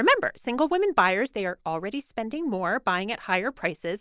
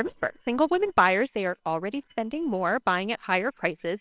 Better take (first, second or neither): first